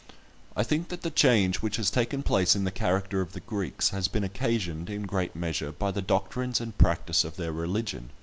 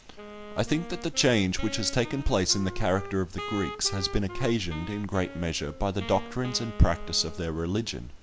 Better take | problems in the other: first | background sound (Wind instrument, woodwind instrument); 14 dB below the speech

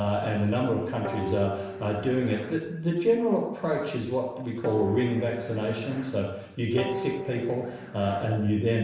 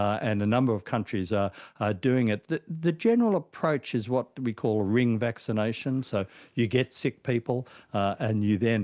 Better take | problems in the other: second | background sound (Guitar); 9 dB below the speech // room echo; dies away in 0.8 s

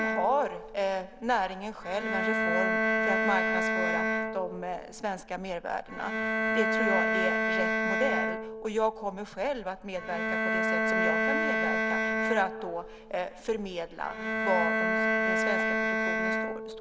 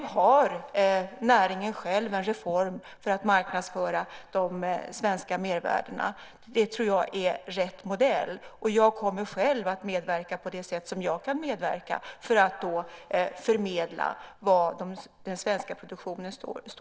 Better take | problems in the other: second | background sound (Bowed string instrument); 4 dB above the speech

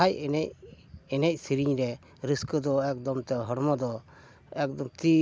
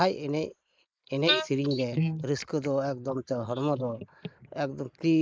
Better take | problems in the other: first | noise reduction (neural mask model Resemble Enhance denoiser)

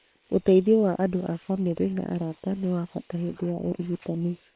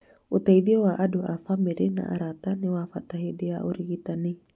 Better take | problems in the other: second | noise reduction (neural separator model SepFormer WHAM!)

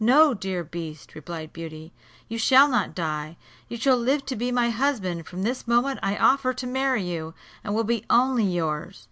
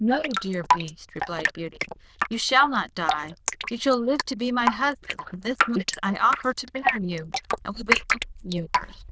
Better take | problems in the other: first | noise reduction (neural diffusion model UNIVERSE++)

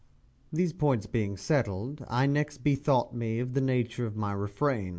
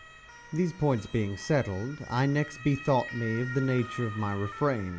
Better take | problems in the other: first | background sound (Motor vehicle (road) / Siren); 14 dB below the speech

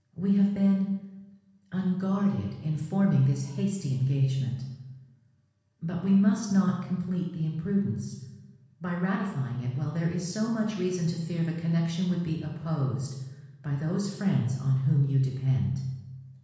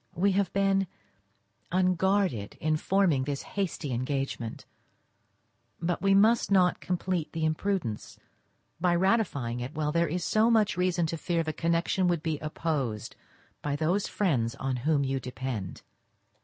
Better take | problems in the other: second | room echo; dies away in 1.1 s

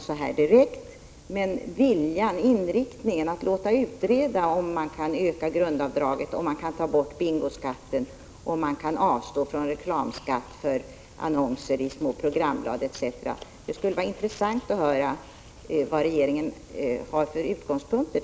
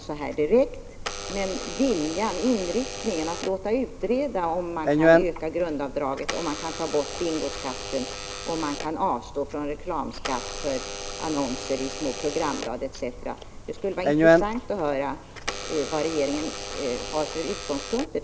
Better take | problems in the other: first | background sound (Alarm / Door); 1 dB below the speech

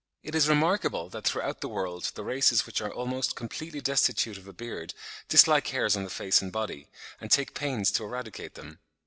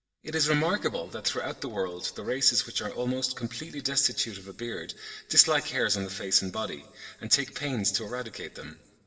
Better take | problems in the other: first | room echo; dies away in 1.9 s

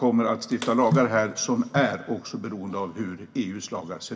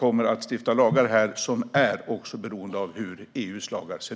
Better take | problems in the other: second | background sound (Bathtub (filling or washing) / Water / Splash, splatter); 20 dB below the speech // room echo; dies away in 2.7 s

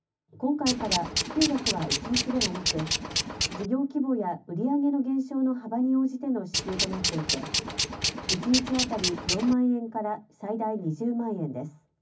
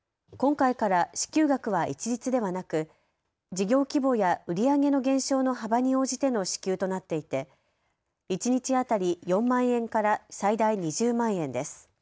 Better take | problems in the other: second | background sound (Tools); 1 dB below the speech // room echo; dies away in 0.4 s

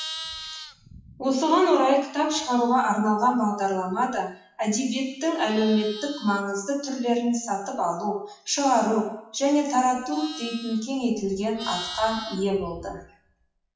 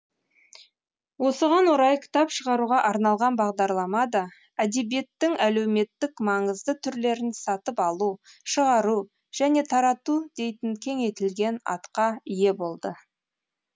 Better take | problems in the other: second | noise reduction (classical method WPE with log-MMSE)

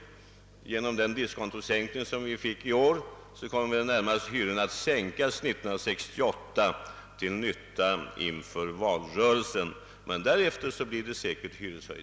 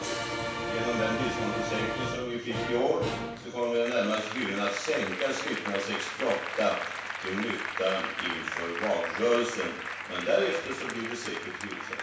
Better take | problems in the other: first | background sound (Applause); 4 dB below the speech // room echo; dies away in 0.7 s

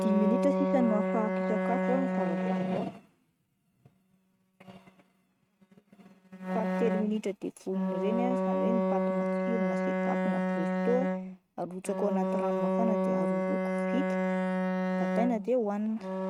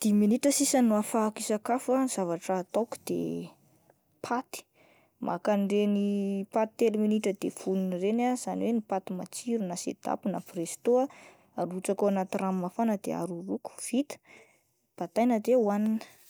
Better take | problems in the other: second | noise reduction (neural mask model RNNoise)

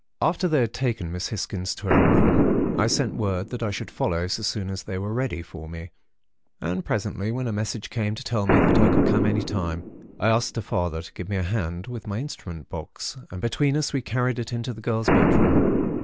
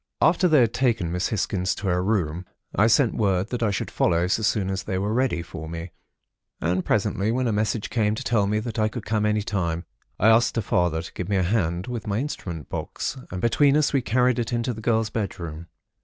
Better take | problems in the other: second | background sound (Boom); as loud as the speech

